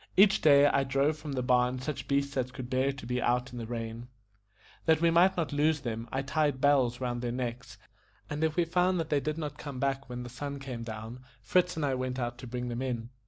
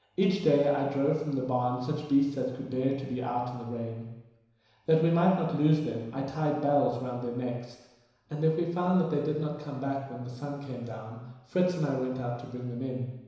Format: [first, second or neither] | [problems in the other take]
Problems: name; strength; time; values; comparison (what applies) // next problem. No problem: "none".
first | room echo; dies away in 1 s